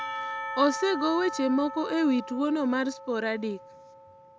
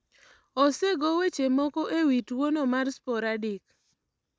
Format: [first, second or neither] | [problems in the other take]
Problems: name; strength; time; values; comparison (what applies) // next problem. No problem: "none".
second | background sound (Church bell / Percussion); 10 dB below the speech